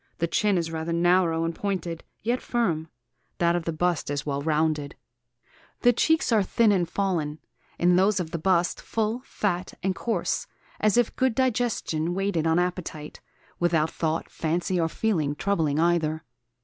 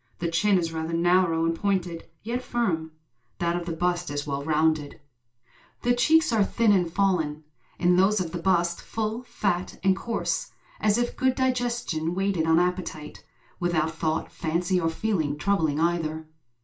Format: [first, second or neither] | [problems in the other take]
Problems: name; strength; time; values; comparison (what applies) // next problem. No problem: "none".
first | room echo; dies away in 0.2 s